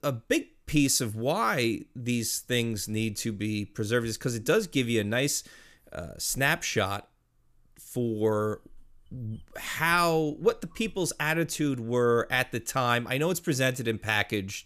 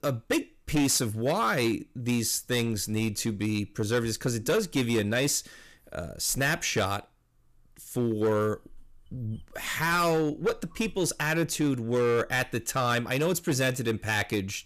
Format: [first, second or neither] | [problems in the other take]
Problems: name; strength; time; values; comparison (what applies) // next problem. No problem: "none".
first | distortion; slight; 7% of the sound clipped